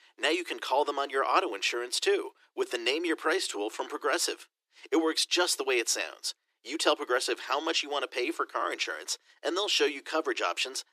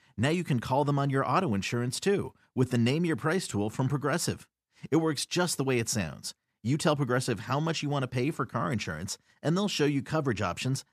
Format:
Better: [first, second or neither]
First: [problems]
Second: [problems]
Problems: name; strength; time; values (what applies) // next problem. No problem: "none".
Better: second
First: thin; very; fading below 300 Hz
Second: none